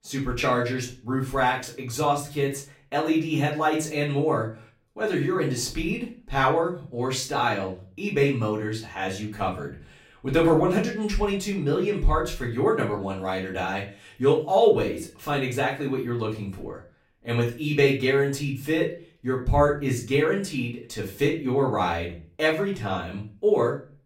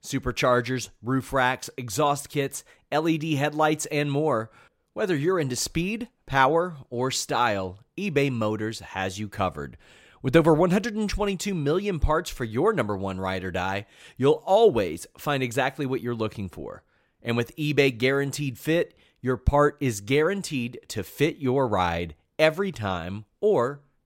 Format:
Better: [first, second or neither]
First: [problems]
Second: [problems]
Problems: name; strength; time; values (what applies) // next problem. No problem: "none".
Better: second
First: room echo; slight; dies away in 0.3 s // off-mic speech; far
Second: none